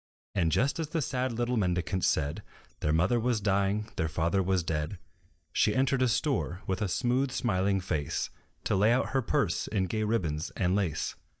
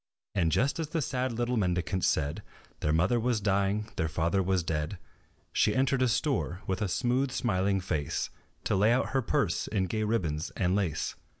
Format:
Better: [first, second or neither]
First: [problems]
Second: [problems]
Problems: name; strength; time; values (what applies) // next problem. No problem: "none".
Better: second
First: noise reduction (neural mask model DeepFilterNet 3)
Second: none